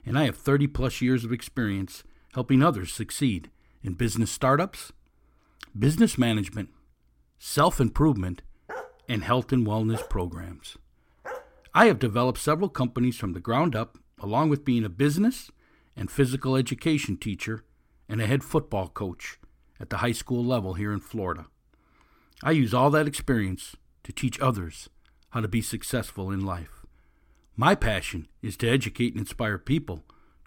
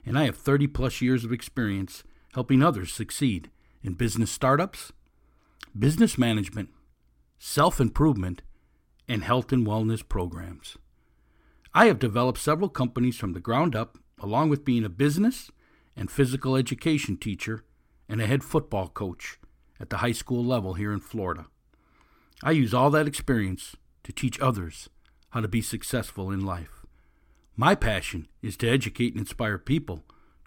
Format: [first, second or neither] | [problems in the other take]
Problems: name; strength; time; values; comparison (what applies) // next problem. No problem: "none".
second | dog barking; faint; from 8.5 to 11 s; peak 15 dB below the speech